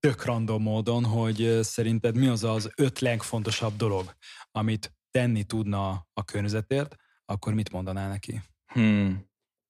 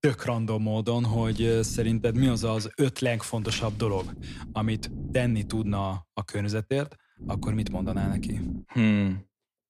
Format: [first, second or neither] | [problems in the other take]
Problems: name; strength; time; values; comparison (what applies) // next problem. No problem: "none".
first | low rumble; noticeable; from 1 to 2.5 s, from 3.5 to 6 s and from 7 to 8.5 s; 15 dB below the speech